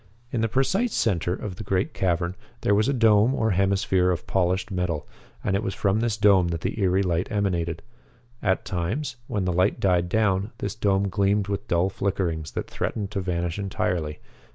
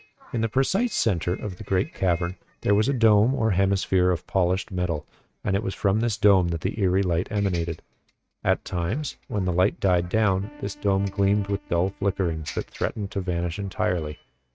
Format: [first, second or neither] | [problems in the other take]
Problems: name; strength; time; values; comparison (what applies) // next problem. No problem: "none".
first | noise reduction (neural mask model RNNoise)